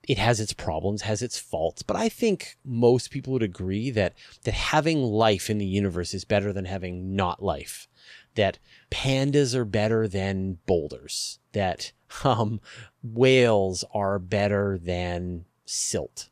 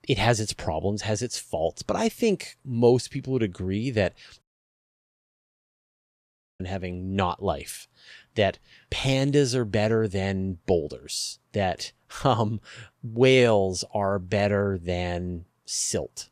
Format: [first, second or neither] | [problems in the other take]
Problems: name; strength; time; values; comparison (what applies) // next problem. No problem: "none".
first | audio cutting out; at 4.5 s for 2 s